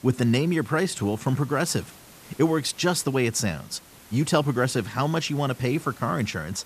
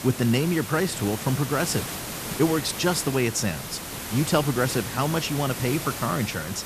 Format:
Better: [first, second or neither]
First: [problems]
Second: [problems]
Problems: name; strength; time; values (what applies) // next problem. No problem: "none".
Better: first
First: hiss; faint; throughout; 20 dB below the speech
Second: hiss; loud; throughout; 7 dB below the speech